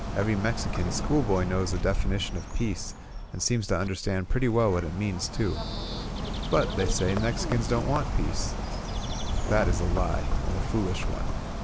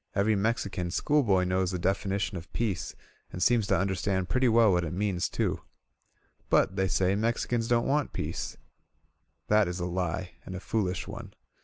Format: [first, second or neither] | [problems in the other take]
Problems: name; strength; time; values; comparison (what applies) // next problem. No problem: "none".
second | background sound (Bird); 1 dB below the speech